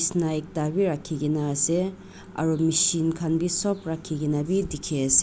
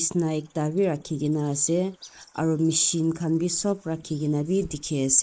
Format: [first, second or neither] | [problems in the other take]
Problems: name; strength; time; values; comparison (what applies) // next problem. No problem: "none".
first | noise reduction (neural mask model Resemble Enhance denoiser)